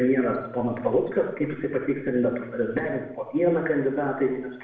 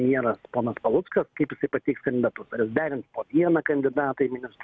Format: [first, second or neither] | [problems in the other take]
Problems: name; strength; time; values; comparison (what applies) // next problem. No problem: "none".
second | room echo; dies away in 0.7 s